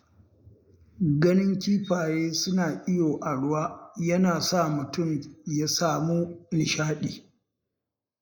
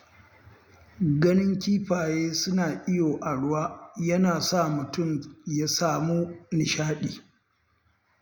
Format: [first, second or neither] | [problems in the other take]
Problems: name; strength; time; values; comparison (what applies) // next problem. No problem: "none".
second | noise reduction (neural mask model Resemble Enhance denoiser)